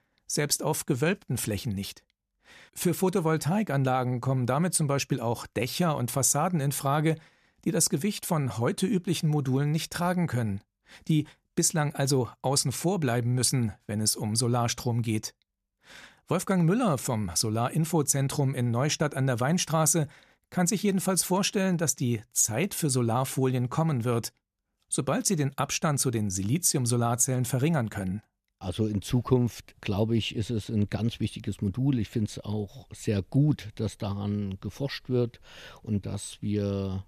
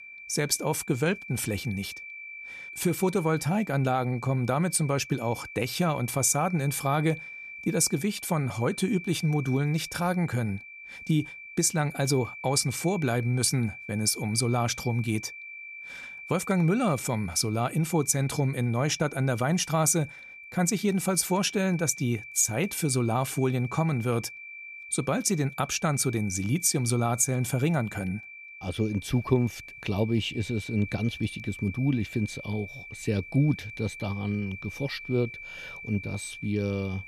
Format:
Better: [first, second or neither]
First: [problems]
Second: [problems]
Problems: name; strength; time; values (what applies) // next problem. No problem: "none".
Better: first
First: none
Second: high-pitched whine; noticeable; throughout; 2.5 kHz, 15 dB below the speech